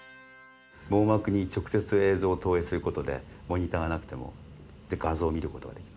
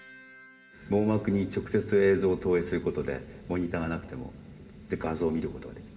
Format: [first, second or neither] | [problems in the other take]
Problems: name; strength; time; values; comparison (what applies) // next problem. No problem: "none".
first | room echo; dies away in 1.8 s